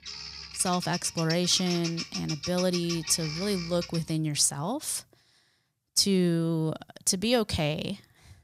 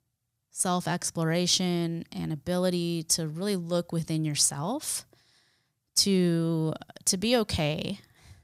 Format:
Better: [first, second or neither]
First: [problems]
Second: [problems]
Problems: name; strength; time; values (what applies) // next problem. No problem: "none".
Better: second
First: animal sounds; loud; until 4 s; 8 dB below the speech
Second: none